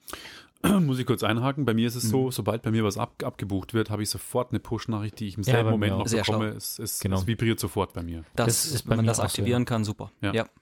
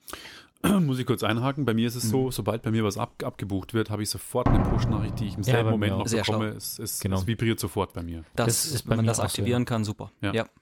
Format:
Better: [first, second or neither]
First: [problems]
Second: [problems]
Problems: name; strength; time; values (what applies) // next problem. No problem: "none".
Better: first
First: none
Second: door banging; loud; from 4.5 to 5.5 s; peak 3 dB above the speech